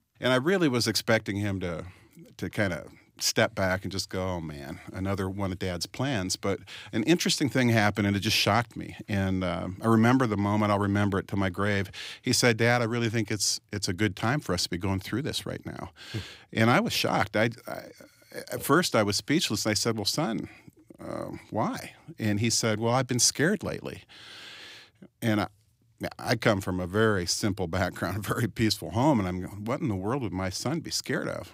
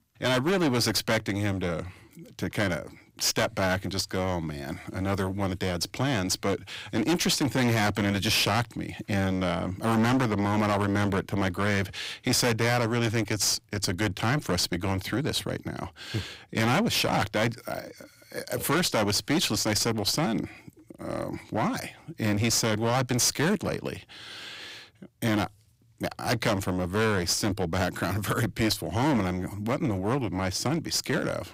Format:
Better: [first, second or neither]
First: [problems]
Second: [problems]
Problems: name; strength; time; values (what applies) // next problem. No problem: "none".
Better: first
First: none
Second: distortion; heavy; 13% of the sound clipped